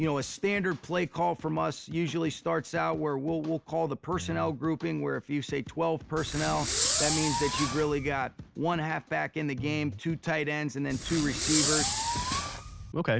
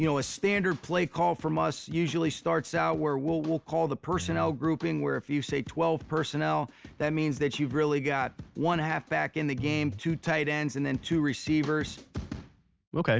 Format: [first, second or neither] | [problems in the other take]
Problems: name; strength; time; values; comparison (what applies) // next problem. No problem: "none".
second | background sound (Fireworks); as loud as the speech